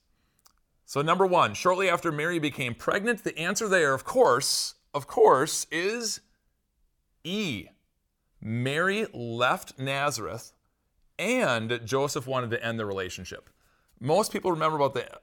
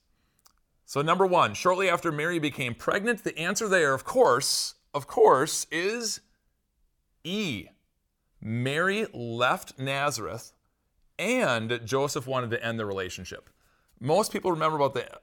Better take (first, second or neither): neither